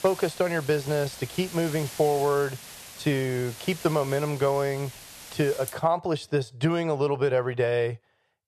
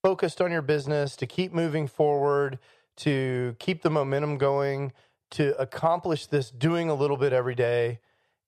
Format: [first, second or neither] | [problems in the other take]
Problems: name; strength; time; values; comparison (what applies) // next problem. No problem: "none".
second | hiss; noticeable; until 6 s; 15 dB below the speech